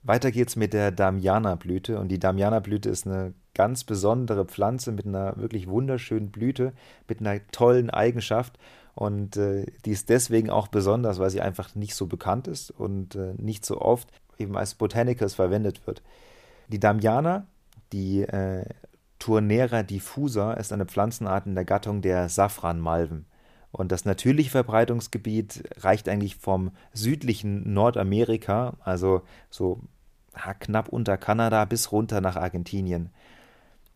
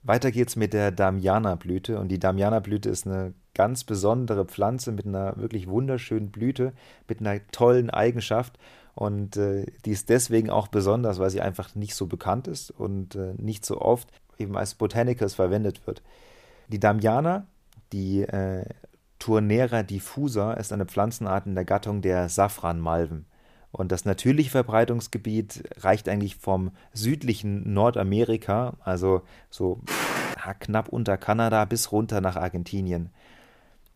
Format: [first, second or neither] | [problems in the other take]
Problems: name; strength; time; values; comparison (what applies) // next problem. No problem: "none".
first | footsteps; noticeable; at 30 s; peak level with the speech